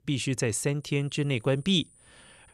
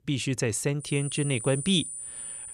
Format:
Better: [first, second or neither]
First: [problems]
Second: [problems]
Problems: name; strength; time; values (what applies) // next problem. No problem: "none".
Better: first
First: high-pitched whine; faint; from 1 s on; 9.5 kHz, 30 dB below the speech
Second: high-pitched whine; loud; from 1 s on; 9.5 kHz, 8 dB below the speech